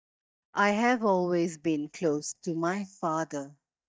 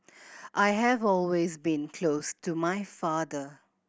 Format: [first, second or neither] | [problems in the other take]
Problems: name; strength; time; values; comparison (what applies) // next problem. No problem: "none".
second | noise reduction (neural mask model DeepFilterNet 3)